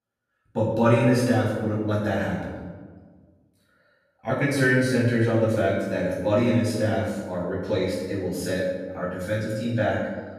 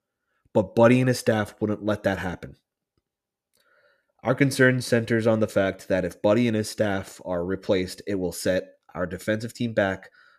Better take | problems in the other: second | off-mic speech; far // room echo; noticeable; dies away in 1.2 s

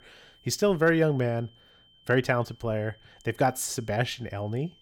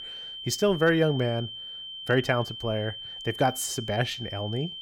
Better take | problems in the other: first | high-pitched whine; loud; throughout; 3 kHz, 9 dB below the speech; faint in the first

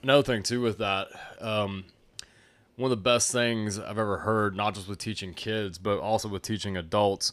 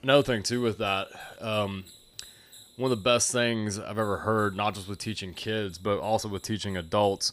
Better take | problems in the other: first | machinery noise; faint; throughout; 25 dB below the speech

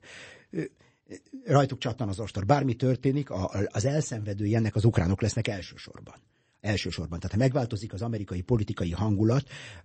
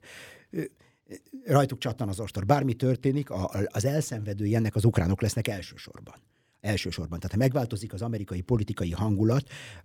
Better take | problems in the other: second | garbled, watery; slightly; nothing above 8 kHz

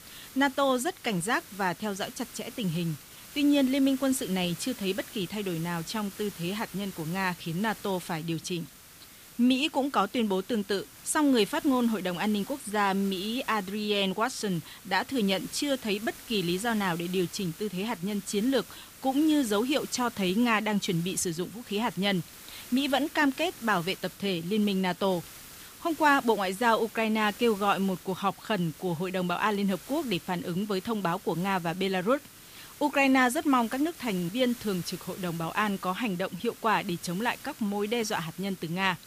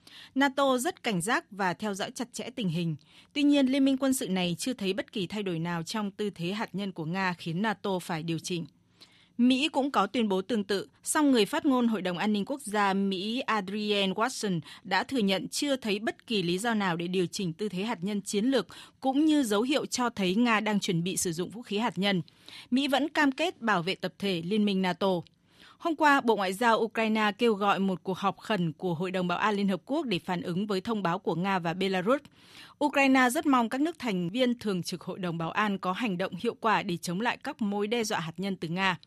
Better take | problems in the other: second | hiss; noticeable; throughout; 15 dB below the speech

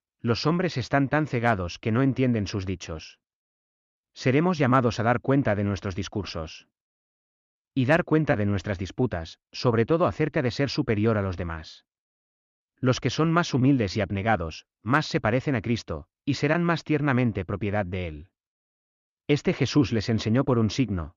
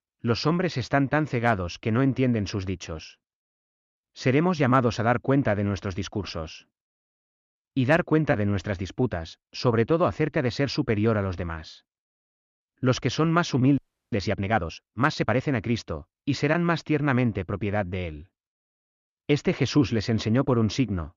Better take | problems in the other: first | audio freezing; at 14 s

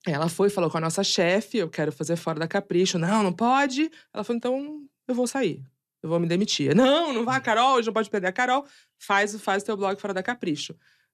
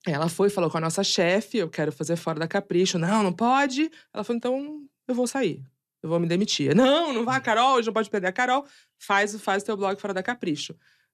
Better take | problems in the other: neither | none

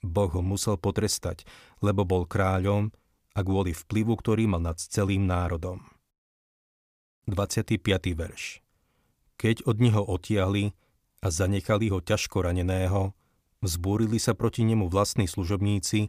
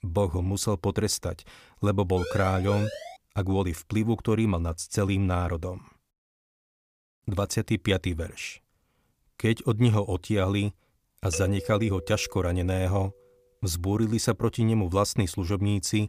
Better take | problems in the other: first | siren; noticeable; from 2 to 3 s; peak 8 dB below the speech // doorbell; noticeable; from 11 to 13 s; peak 10 dB below the speech

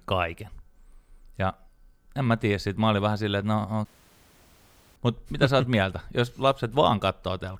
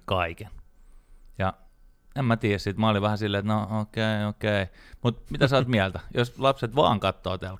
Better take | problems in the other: second | audio cutting out; at 4 s for 1 s

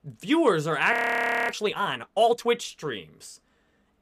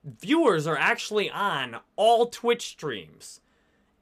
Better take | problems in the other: second | audio freezing; at 1 s for 0.5 s

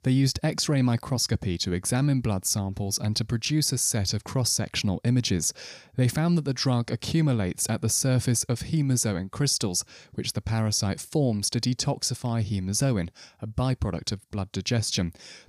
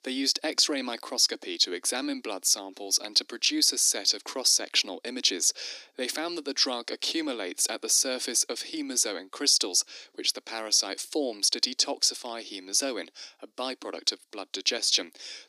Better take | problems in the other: first | thin; somewhat; fading below 300 Hz

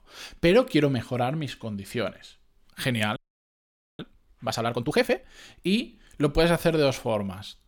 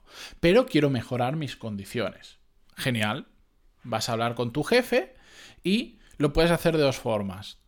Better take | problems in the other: second | audio freezing; at 3 s for 1 s

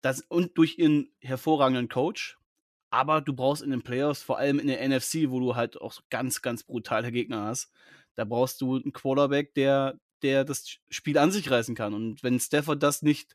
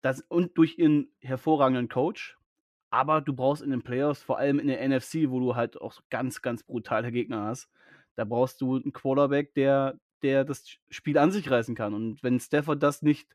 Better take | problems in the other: first | muffled; slightly; fading above 3 kHz

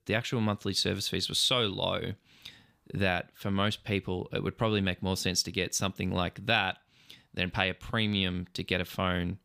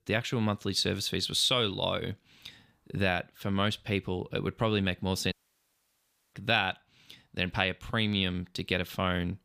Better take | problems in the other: first | audio cutting out; at 5.5 s for 1 s

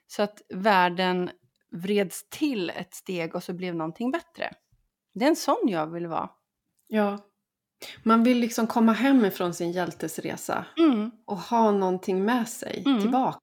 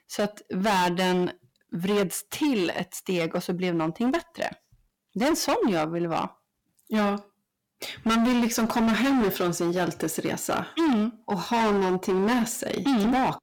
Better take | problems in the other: first | distortion; heavy; 18% of the sound clipped

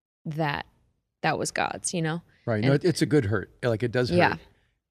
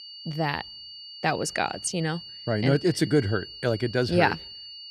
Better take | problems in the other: first | high-pitched whine; noticeable; throughout; 4.5 kHz, 15 dB below the speech

